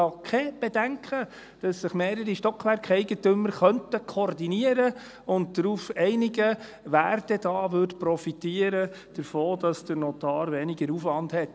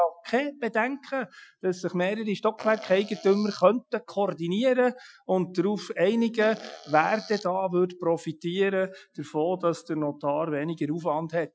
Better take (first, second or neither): first